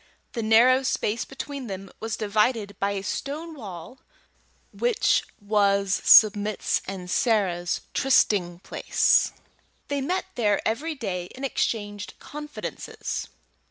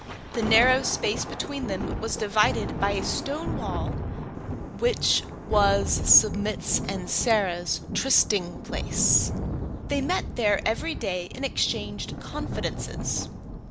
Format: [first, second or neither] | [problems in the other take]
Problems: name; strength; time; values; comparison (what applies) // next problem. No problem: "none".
first | background sound (Thunder); 5 dB below the speech